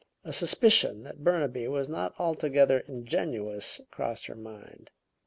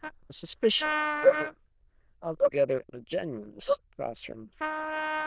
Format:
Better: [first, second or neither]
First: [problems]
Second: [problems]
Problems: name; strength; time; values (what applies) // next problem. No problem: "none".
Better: first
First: none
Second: noise reduction (neural diffusion model UNIVERSE++)